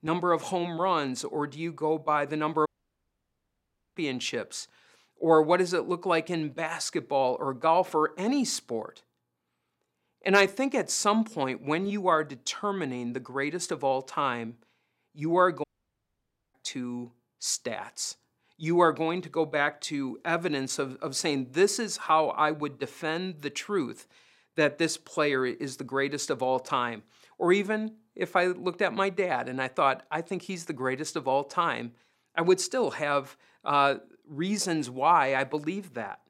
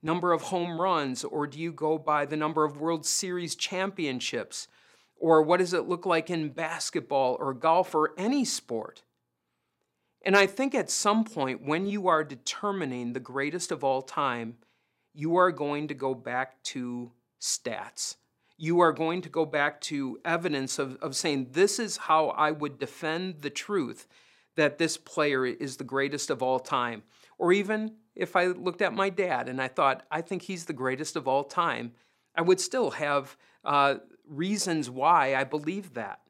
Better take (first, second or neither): second